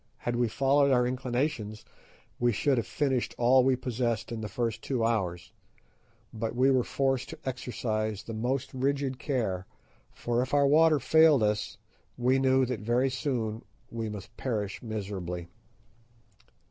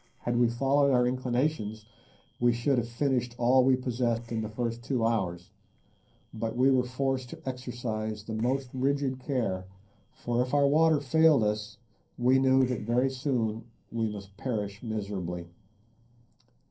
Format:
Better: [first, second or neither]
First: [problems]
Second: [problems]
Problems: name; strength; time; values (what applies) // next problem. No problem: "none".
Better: first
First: none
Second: noise reduction (neural separator model SepFormer DNS4)